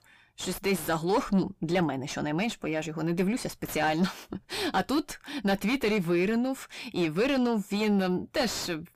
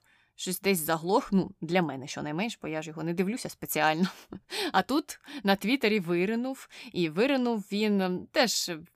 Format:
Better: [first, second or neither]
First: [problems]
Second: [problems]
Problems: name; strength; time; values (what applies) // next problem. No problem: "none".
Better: second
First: distortion; heavy; 6 dB below the speech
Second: none